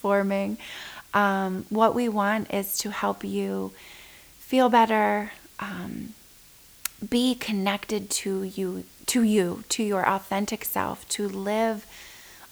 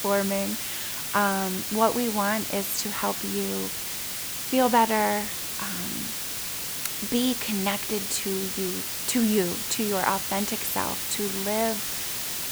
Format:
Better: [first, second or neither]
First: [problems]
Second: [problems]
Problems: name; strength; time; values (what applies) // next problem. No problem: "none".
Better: first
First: hiss; faint; throughout; 25 dB below the speech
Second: hiss; loud; throughout; 1 dB below the speech